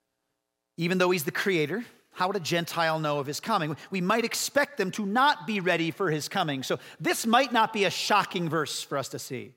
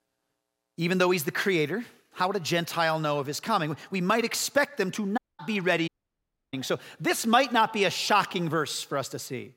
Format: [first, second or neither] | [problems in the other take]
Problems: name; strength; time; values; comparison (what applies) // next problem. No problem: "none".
first | audio cutting out; at 5 s and at 6 s for 0.5 s